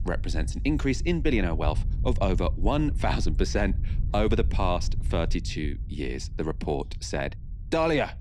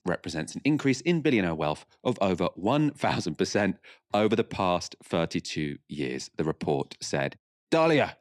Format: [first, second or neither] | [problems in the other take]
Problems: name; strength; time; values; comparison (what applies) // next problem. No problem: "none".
second | wind noise on the microphone; occasional gusts; 20 dB below the speech